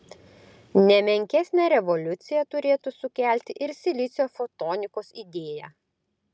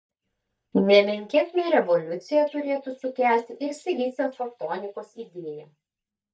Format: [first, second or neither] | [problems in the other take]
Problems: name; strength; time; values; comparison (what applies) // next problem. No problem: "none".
first | noise reduction (neural mask model DeepFilterNet 3)